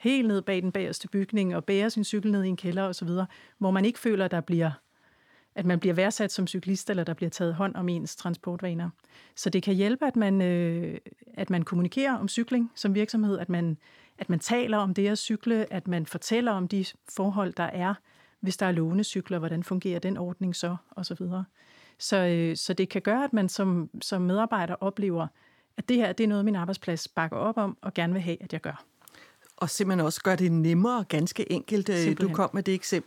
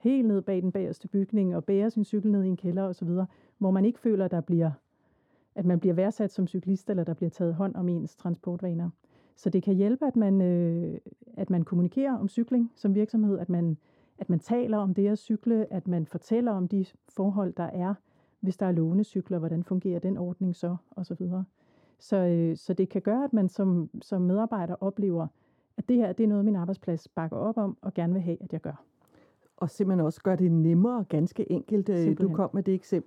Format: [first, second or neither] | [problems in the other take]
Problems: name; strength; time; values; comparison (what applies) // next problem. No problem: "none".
first | muffled; very; fading above 1 kHz